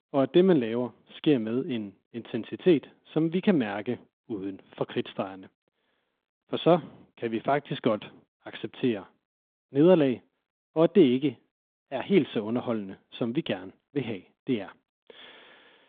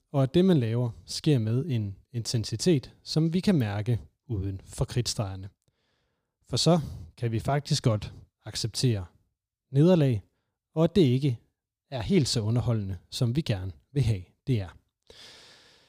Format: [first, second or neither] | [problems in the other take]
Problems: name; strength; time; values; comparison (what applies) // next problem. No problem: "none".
second | phone-call audio; nothing above 8 kHz